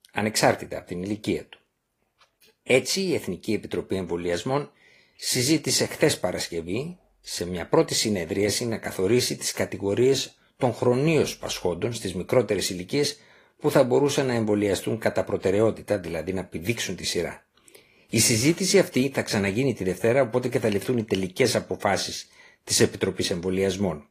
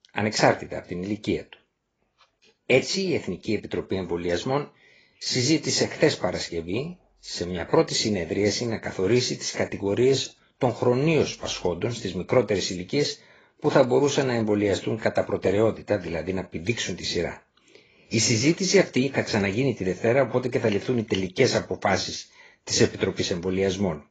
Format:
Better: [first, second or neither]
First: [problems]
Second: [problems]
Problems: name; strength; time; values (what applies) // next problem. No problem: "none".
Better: first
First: garbled, watery; slightly; nothing above 15 kHz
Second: garbled, watery; badly; nothing above 7.5 kHz